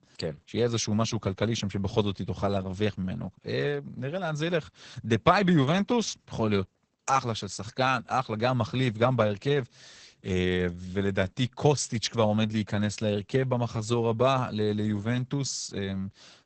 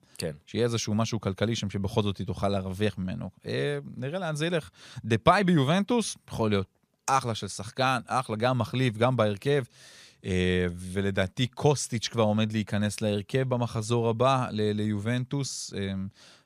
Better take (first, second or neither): second